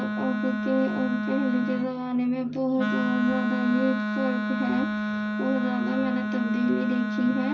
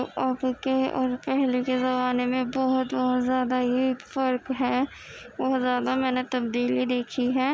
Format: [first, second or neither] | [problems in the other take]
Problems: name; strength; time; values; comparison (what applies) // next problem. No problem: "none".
second | background sound (Wind instrument, woodwind instrument); 1 dB below the speech // room echo; dies away in 0.4 s